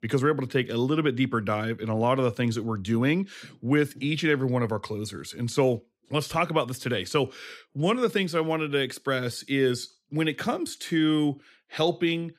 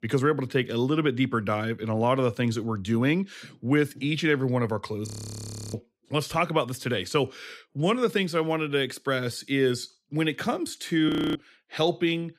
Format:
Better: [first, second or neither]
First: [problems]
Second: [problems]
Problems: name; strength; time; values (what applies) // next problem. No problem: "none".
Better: first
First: none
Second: audio freezing; at 5 s for 0.5 s and at 11 s